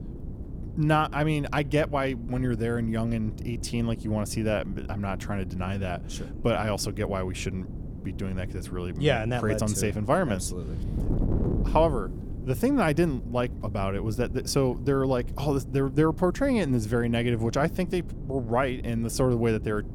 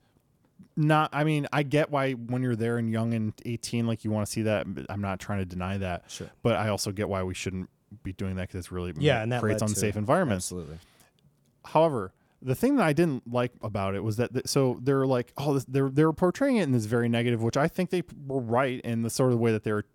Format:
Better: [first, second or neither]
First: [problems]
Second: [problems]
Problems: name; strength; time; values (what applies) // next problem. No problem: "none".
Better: second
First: wind noise on the microphone; occasional gusts; 15 dB below the speech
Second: none